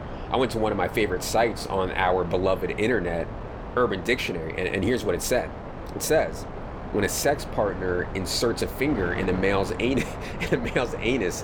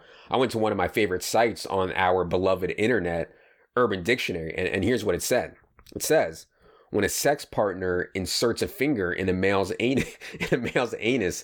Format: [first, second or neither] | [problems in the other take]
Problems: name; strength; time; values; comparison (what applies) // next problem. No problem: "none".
second | wind noise on the microphone; occasional gusts; 10 dB below the speech